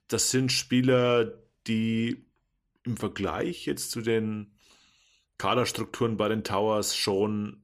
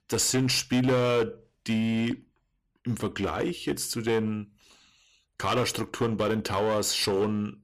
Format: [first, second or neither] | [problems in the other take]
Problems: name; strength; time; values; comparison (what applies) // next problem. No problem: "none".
first | distortion; slight; 8% of the sound clipped